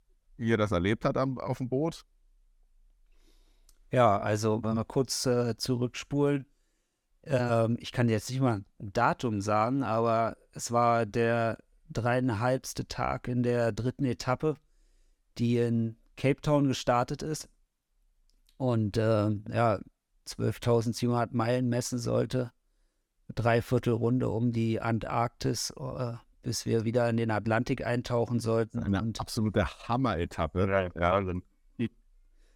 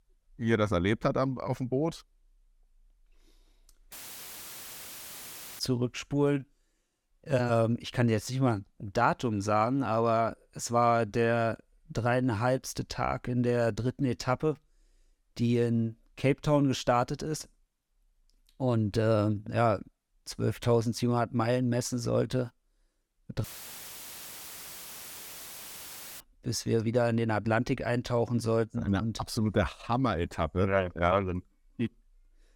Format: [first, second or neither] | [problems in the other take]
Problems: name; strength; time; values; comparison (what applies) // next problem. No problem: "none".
first | audio cutting out; filled with static; at 4 s for 1.5 s and at 23 s for 3 s